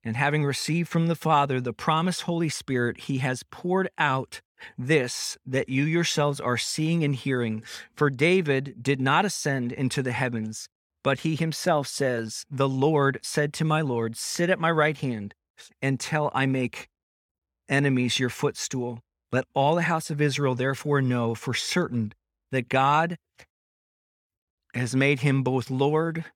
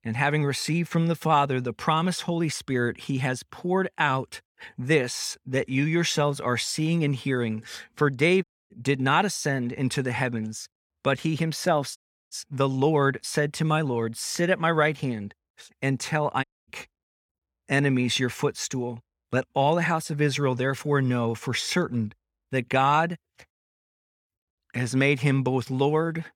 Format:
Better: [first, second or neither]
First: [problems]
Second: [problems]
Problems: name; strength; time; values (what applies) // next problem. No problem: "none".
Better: first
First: none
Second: audio cutting out; at 8.5 s, at 12 s and at 16 s